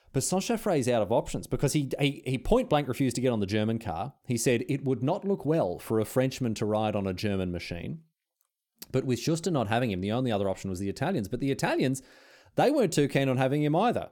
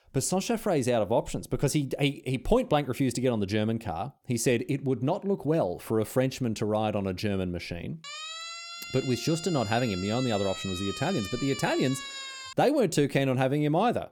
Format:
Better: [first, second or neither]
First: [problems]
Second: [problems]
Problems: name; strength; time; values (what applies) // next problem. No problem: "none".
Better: first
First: none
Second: siren; noticeable; from 8 to 13 s; peak 8 dB below the speech